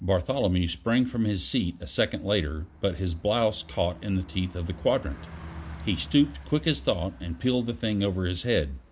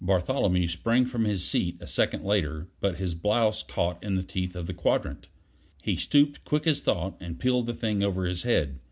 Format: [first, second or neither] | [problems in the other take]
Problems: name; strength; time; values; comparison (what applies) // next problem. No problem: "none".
second | background sound (Bus); 18 dB below the speech